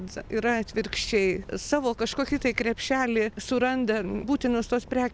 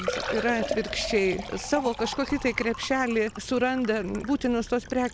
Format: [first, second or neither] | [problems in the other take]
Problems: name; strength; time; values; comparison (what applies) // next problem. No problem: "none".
first | background sound (Liquid); 10 dB below the speech